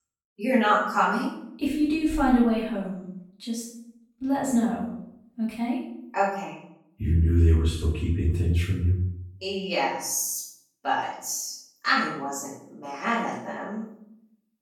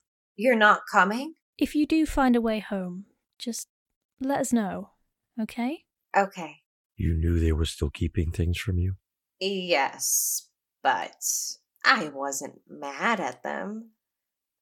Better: second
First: off-mic speech; far // room echo; noticeable; dies away in 0.6 s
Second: none

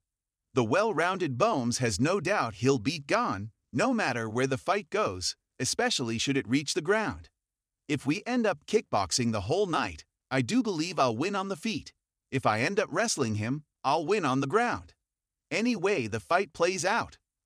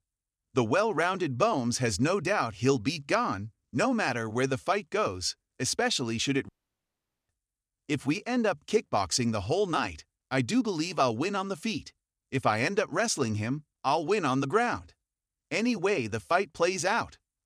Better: first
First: none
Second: audio cutting out; at 6.5 s for 1 s

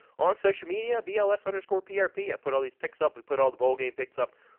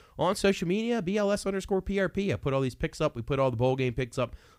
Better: second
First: phone-call audio; poor line; nothing above 3 kHz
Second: none

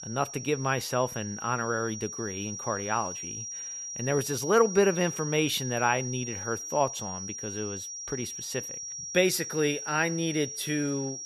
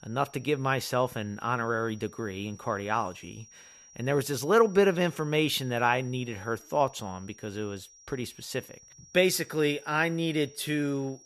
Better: second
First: high-pitched whine; loud; throughout; 5.5 kHz, 7 dB below the speech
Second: high-pitched whine; faint; throughout; 5.5 kHz, 25 dB below the speech

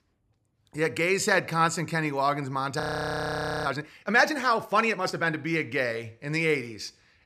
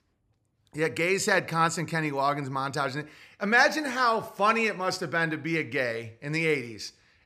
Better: second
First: audio freezing; at 3 s for 1 s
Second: none

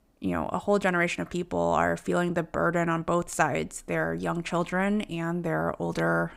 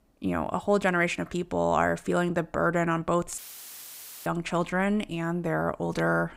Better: first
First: none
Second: audio cutting out; filled with static; at 3.5 s for 1 s

